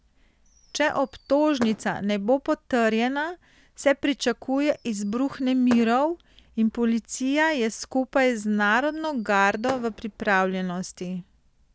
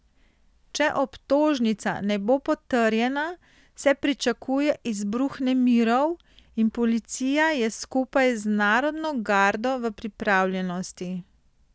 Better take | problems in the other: second | background sound (Fireworks); 18 dB below the speech

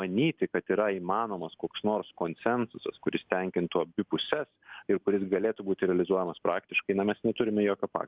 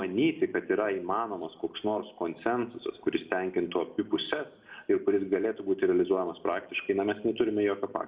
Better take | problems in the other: first | room echo; dies away in 1.6 s

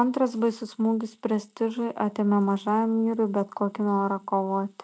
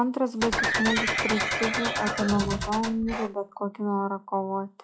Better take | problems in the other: first | noise reduction (classical method log-MMSE)

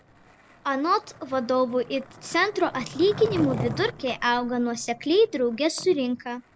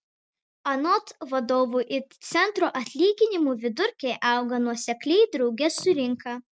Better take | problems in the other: second | background sound (Skateboard); 13 dB below the speech

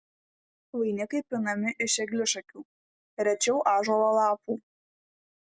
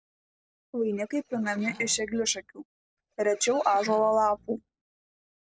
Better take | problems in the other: first | noise reduction (neural separator model SepFormer DNS4)

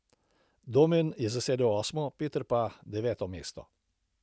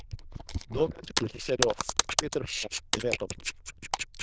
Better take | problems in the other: first | noise reduction (neural diffusion model UNIVERSE++)

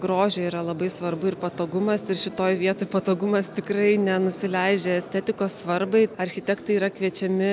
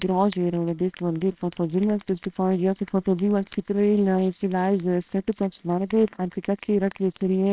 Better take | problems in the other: first | noise reduction (neural separator model SepFormer WHAMR!)

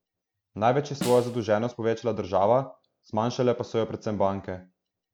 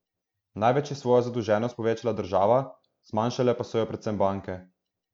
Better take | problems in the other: second | background sound (Snare drum); 13 dB below the speech

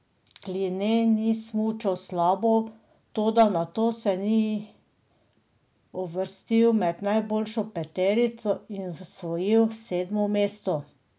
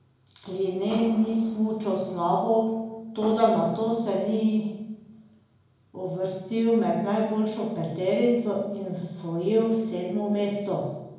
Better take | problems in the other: first | background sound (Fireworks); 16 dB below the speech // room echo; dies away in 0.9 s

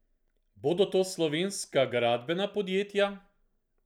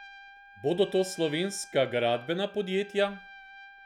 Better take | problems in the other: first | background sound (Trumpet); 19 dB below the speech

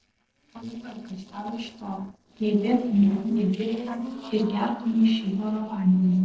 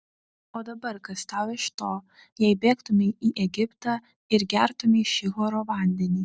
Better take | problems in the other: second | noise reduction (neural separator model SepFormer DNS4)

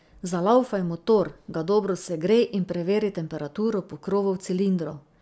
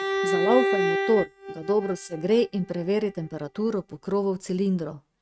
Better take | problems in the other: first | noise reduction (neural mask model RNNoise)

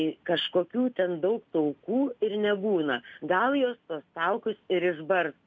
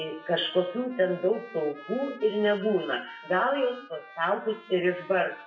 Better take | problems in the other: first | noise reduction (classical method WPE with log-MMSE)

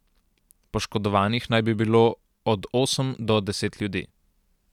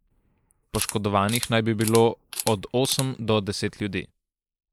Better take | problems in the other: first | noise reduction (neural mask model Resemble Enhance denoiser)

